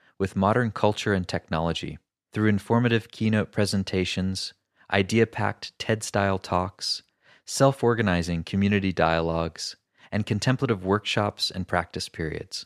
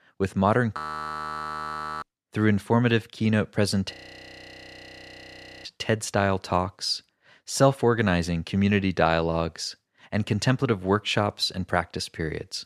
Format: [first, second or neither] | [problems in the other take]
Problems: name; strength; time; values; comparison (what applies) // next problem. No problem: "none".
first | audio freezing; at 1 s for 1.5 s and at 4 s for 1.5 s